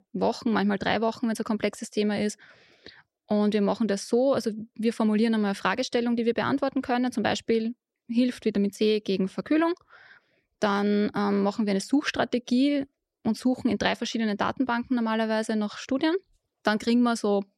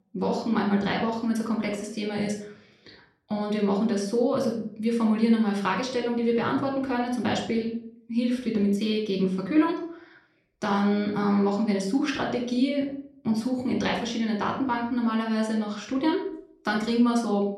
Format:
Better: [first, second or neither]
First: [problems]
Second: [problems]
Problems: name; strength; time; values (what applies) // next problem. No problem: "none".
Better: first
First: none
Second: off-mic speech; somewhat distant // room echo; slight; dies away in 0.5 s